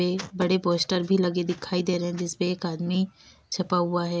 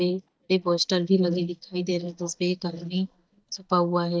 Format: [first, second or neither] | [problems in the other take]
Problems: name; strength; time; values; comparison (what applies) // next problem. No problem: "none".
first | noise reduction (neural mask model DeepFilterNet 3)